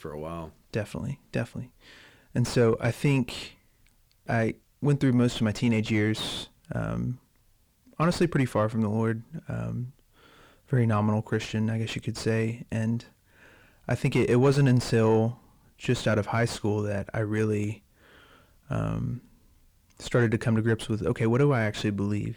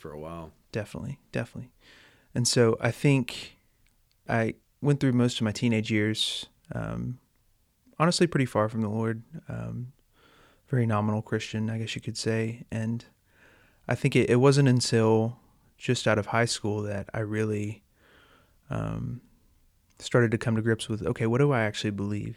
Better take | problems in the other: second | distortion; slight; 9 dB below the speech

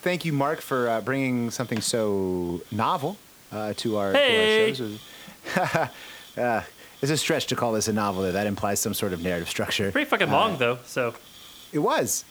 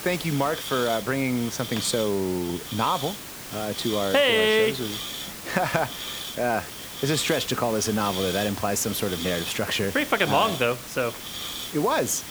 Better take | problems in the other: first | hiss; loud; throughout; 8 dB below the speech; faint in the first

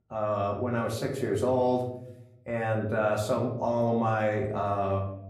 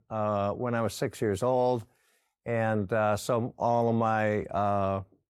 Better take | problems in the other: second | room echo; slight; dies away in 0.7 s // off-mic speech; somewhat distant

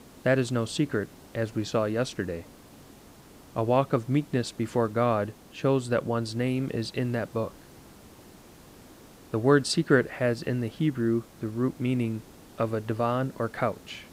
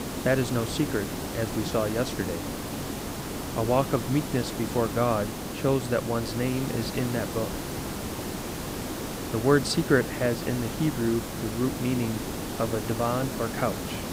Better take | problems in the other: first | hiss; loud; throughout; 5 dB below the speech; faint in the first

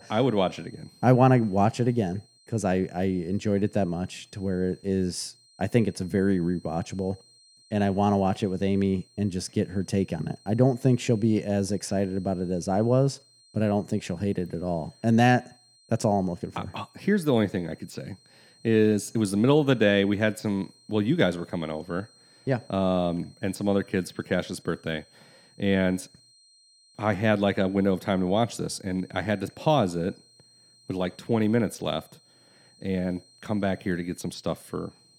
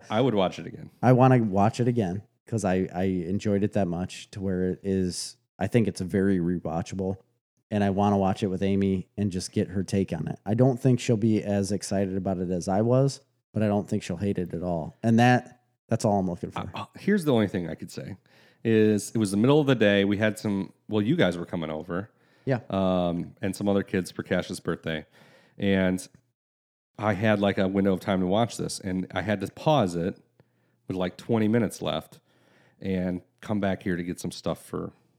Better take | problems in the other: second | high-pitched whine; faint; throughout; 4 kHz, 30 dB below the speech

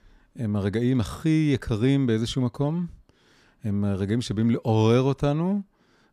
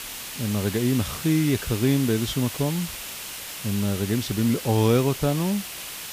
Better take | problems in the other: first | hiss; loud; throughout; 8 dB below the speech

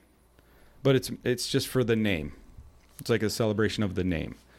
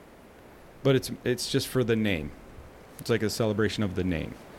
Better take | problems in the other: first | hiss; faint; throughout; 20 dB below the speech

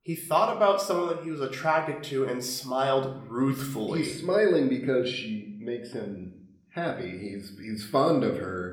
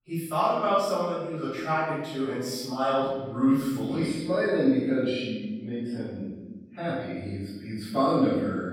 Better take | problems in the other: first | room echo; strong; dies away in 1.2 s; slight in the first // off-mic speech; far; somewhat distant in the first

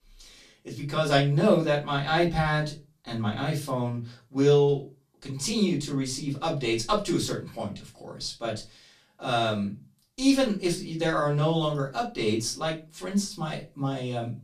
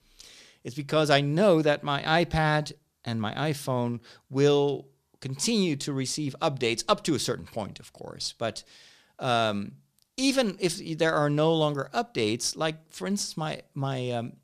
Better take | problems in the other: second | off-mic speech; far // room echo; very slight; dies away in 0.2 s

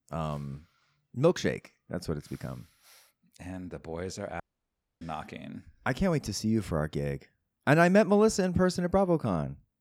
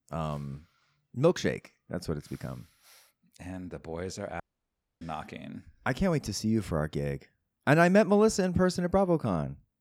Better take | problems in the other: neither | audio cutting out; at 4.5 s for 0.5 s; the same in both

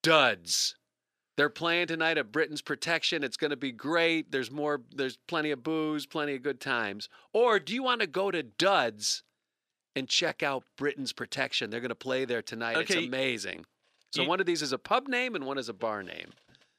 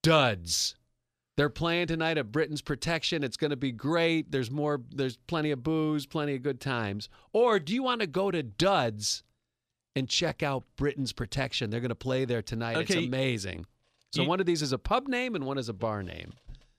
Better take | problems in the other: second | thin; very slightly; fading below 300 Hz

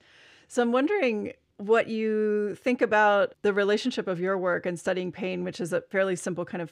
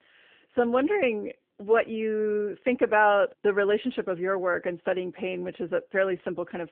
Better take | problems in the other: first | phone-call audio

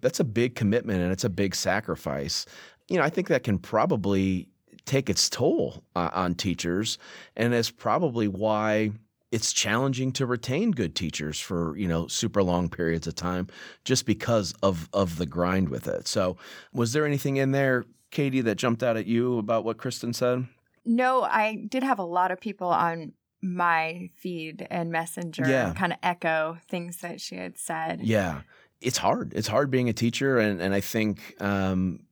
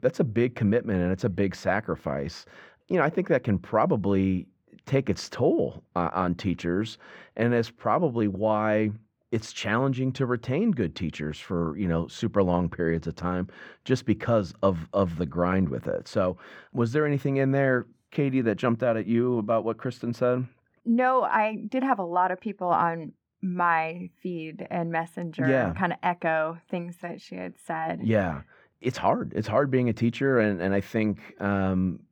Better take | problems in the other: first | muffled; slightly; fading above 3.5 kHz

